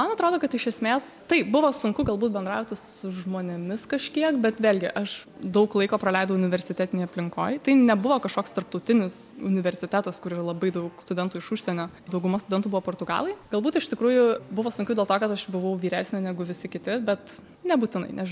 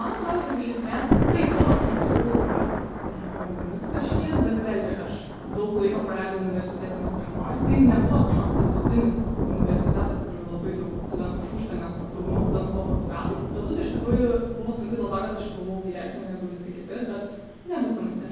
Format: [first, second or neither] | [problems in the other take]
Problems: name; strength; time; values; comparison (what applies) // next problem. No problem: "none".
first | background sound (Thunder / Rain); 2 dB above the speech // room echo; dies away in 1.3 s